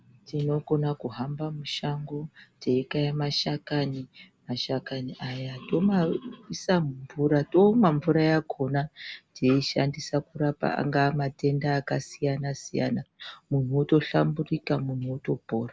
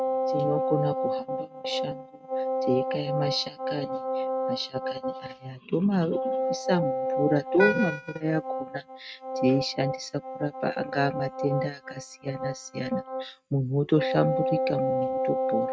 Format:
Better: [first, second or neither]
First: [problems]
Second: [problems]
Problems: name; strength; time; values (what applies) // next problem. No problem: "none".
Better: first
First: none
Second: noise reduction (neural mask model RNNoise)